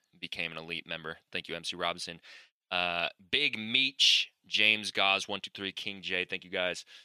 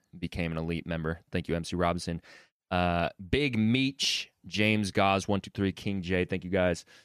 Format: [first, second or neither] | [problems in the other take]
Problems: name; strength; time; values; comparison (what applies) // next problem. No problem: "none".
second | thin; somewhat; fading below 800 Hz